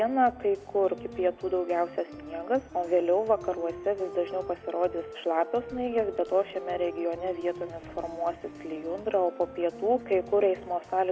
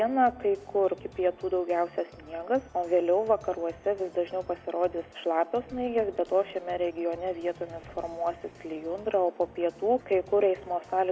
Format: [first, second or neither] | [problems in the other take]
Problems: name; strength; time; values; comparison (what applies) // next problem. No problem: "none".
second | background sound (Wind instrument, woodwind instrument); 15 dB below the speech